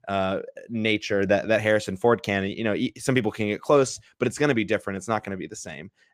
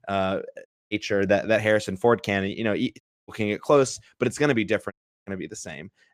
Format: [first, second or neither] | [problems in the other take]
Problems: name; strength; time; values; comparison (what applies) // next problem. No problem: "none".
first | audio cutting out; at 0.5 s, at 3 s and at 5 s